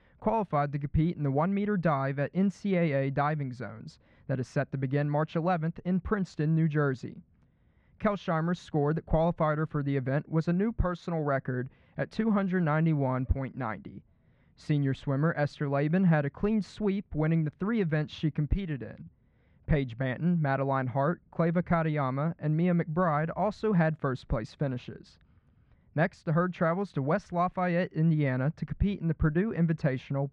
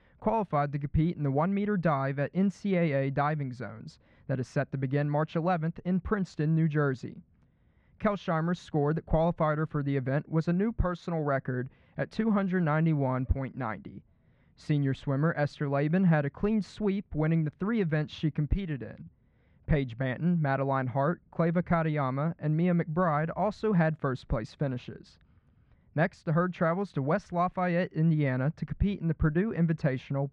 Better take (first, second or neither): neither